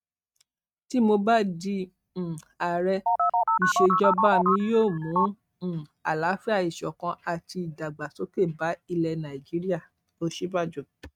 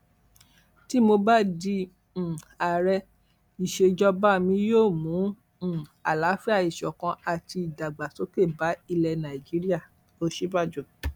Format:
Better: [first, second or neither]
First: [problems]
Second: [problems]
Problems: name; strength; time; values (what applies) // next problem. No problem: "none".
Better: second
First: noise reduction (neural mask model RNNoise)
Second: none